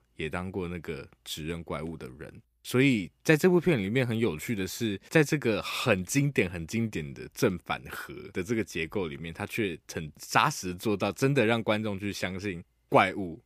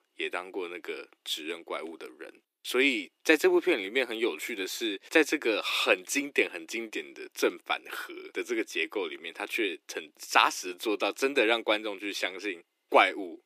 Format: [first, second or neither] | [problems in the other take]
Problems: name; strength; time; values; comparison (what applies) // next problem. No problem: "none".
first | thin; somewhat; fading below 300 Hz